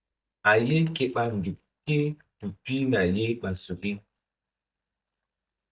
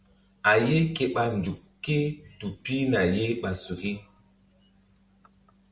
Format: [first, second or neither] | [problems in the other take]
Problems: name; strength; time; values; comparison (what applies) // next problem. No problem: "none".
second | noise reduction (neural mask model DeepFilterNet 3)